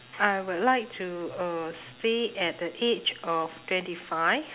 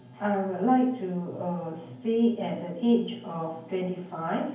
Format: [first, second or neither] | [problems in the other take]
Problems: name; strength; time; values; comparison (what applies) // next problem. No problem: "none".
first | room echo; dies away in 0.9 s